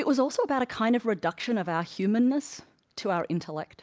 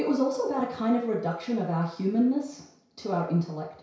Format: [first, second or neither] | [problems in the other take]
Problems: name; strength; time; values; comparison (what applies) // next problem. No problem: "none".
first | room echo; dies away in 0.6 s